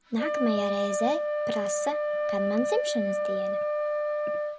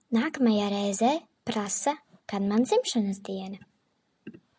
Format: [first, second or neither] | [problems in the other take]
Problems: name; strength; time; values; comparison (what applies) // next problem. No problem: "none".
second | background sound (Wind instrument, woodwind instrument); 3 dB above the speech